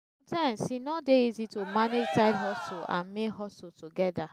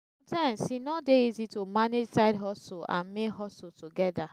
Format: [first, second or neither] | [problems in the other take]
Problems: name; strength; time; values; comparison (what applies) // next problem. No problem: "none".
second | background sound (Cheering); 8 dB below the speech